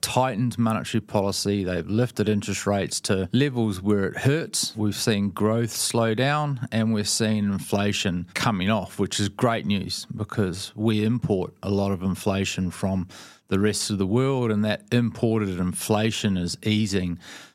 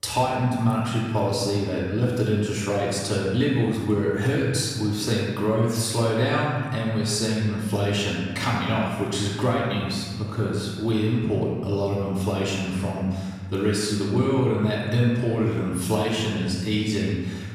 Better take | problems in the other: first | off-mic speech; far // room echo; noticeable; dies away in 1.6 s

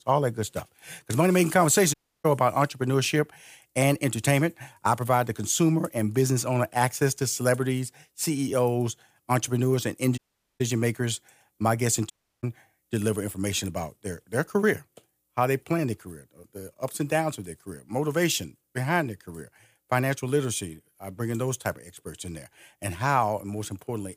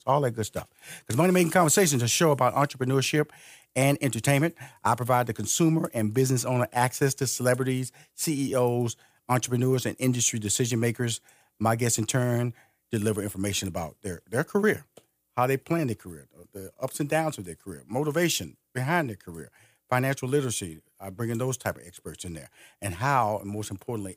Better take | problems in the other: second | audio cutting out; at 2 s, at 10 s and at 12 s

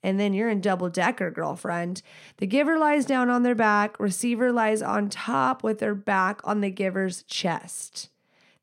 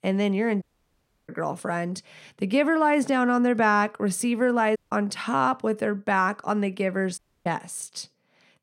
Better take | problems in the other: first | audio cutting out; at 0.5 s for 0.5 s, at 5 s and at 7 s

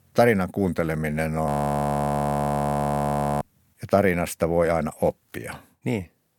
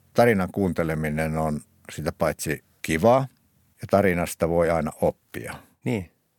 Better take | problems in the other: second | audio freezing; at 1.5 s for 2 s

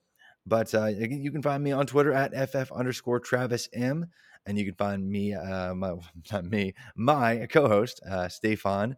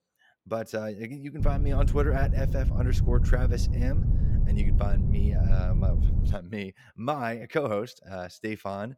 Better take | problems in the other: first | wind noise on the microphone; heavy; from 1.5 to 6.5 s; 7 dB below the speech

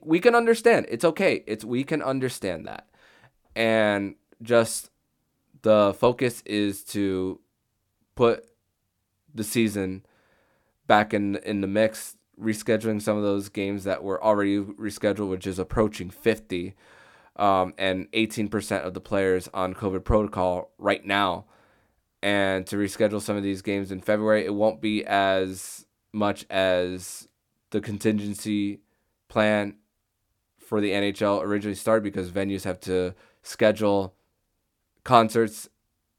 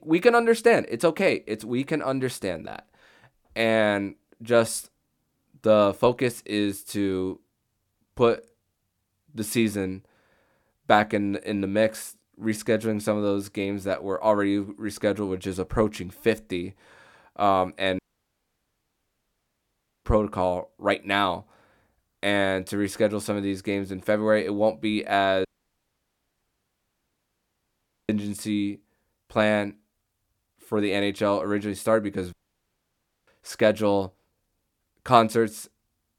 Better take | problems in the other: first | audio cutting out; at 18 s for 2 s, at 25 s for 2.5 s and at 32 s for 1 s

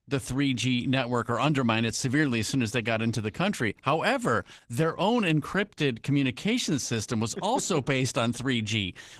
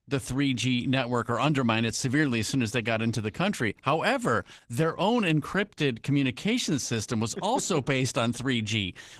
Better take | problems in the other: neither | garbled, watery; slightly; the same in both

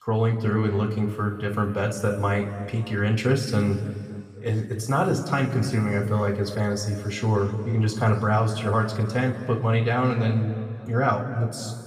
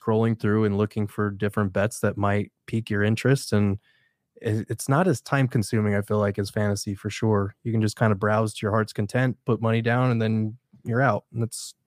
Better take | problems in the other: second | room echo; noticeable; dies away in 2 s // off-mic speech; somewhat distant

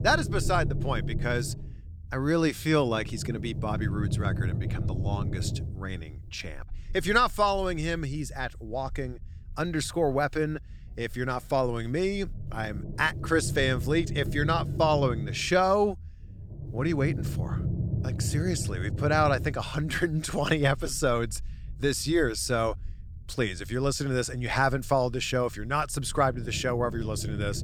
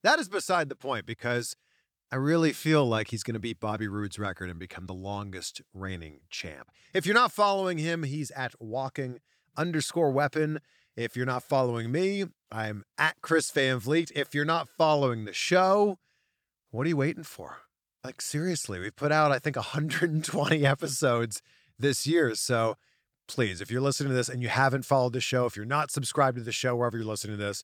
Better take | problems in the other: second | low rumble; noticeable; throughout; 15 dB below the speech

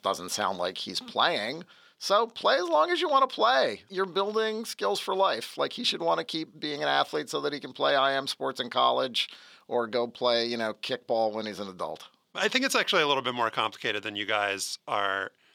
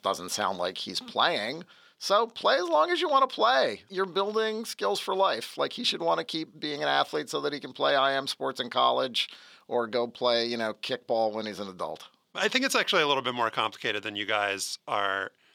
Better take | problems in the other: neither | thin; very slightly; fading below 1 kHz; the same in both

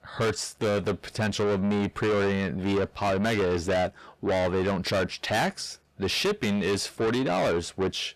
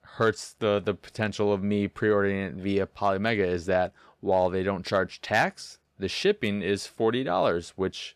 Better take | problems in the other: second | distortion; heavy; 6 dB below the speech

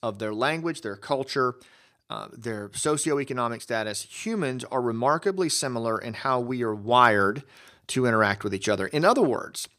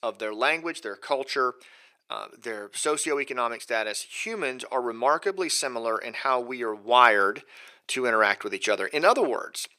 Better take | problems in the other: first | thin; somewhat; fading below 450 Hz

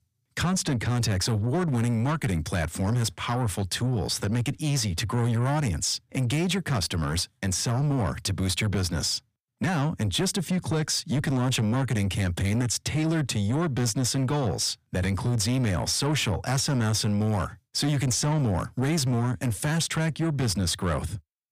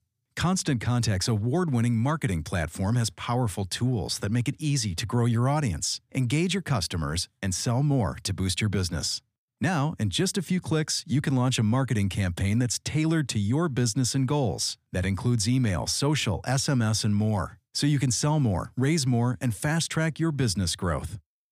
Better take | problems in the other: second | distortion; slight; 10 dB below the speech

